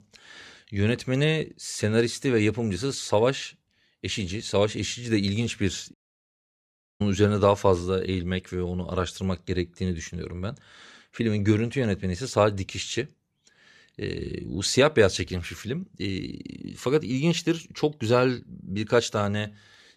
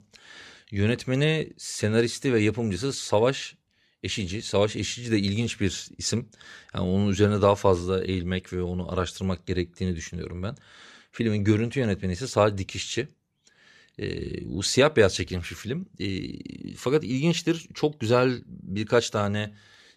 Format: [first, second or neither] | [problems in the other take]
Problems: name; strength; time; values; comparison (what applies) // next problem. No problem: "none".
second | audio cutting out; at 6 s for 1 s